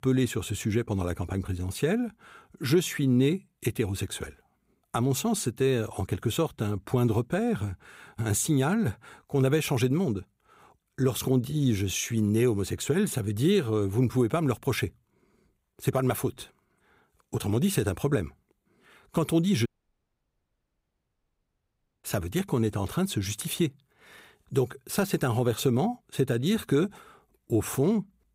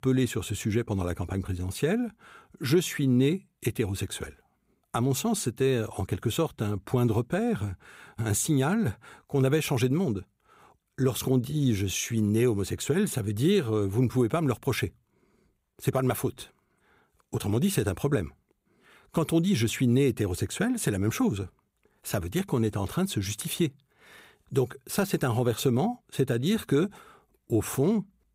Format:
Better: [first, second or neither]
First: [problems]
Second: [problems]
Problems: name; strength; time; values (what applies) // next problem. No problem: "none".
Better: second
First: audio cutting out; at 20 s for 2.5 s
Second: none